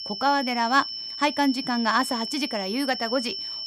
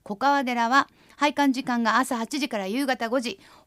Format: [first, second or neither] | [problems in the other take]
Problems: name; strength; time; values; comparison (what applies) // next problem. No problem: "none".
second | high-pitched whine; loud; throughout; 5.5 kHz, 6 dB below the speech